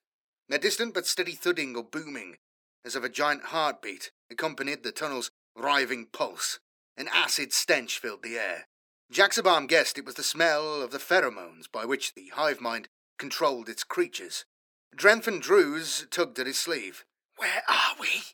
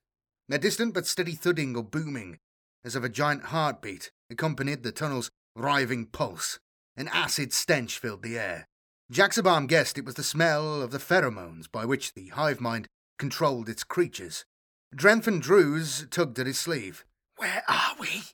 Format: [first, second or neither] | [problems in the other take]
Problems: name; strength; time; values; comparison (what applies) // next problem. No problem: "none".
second | thin; somewhat; fading below 300 Hz